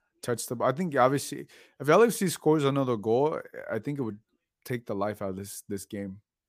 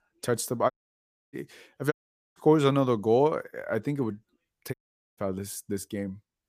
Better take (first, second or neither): first